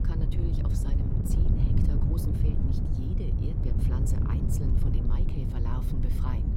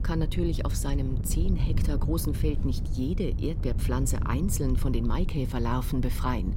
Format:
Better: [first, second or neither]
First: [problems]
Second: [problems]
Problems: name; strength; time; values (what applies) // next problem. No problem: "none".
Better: second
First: wind noise on the microphone; heavy; 4 dB above the speech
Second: wind noise on the microphone; occasional gusts; 10 dB below the speech